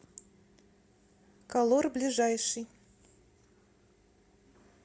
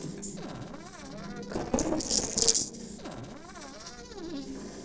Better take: first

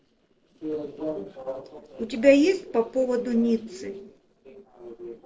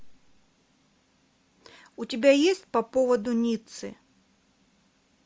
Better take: second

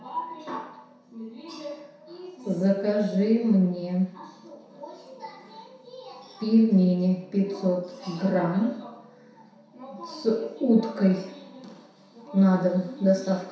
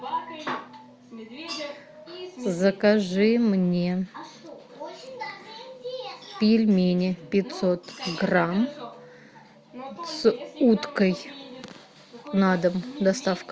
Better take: second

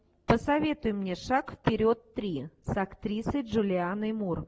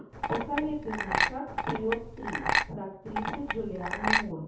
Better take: first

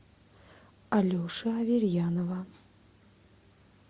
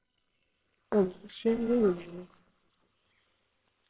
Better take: first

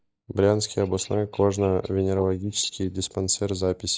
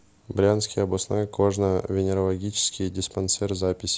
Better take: second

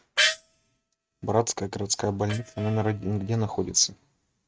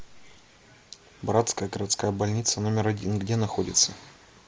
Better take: second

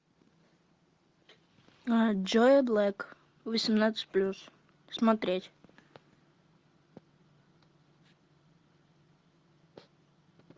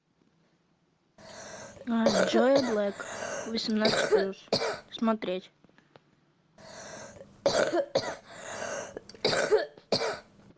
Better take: first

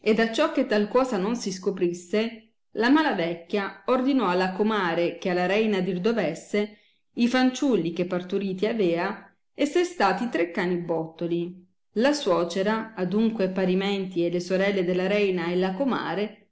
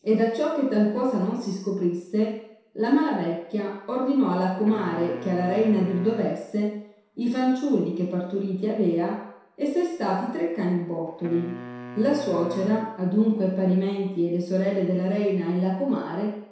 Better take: first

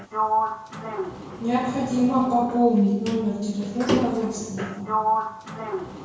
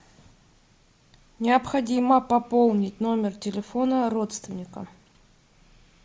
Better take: second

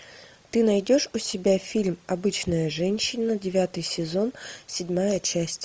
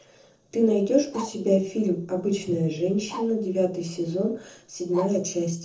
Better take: first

